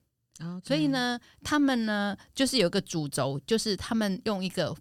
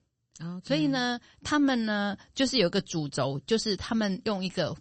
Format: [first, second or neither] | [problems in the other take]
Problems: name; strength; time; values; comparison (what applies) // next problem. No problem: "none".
first | garbled, watery; slightly; nothing above 8 kHz